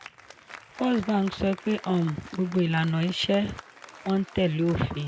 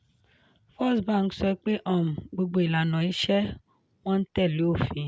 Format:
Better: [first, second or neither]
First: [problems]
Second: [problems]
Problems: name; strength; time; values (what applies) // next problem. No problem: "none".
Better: second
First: background sound (Applause); 18 dB below the speech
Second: none